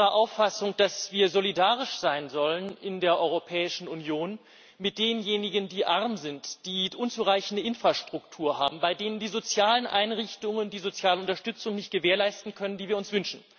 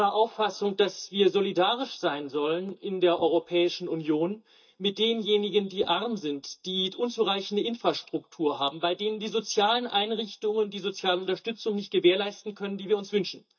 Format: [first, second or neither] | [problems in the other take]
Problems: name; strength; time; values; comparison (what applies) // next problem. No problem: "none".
first | noise reduction (neural mask model DeepFilterNet 3)